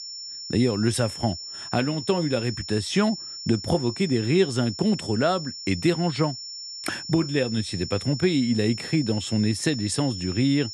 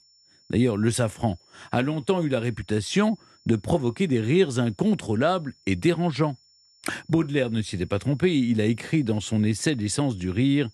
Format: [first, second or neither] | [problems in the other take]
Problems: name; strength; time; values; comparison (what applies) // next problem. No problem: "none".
second | high-pitched whine; loud; throughout; 5.5 kHz, 9 dB below the speech; faint in the second